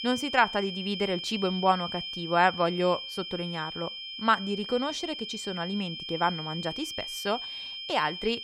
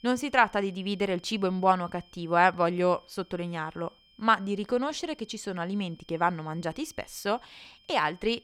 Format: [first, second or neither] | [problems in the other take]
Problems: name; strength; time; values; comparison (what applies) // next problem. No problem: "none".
second | high-pitched whine; loud; throughout; 3 kHz, 6 dB below the speech; faint in the second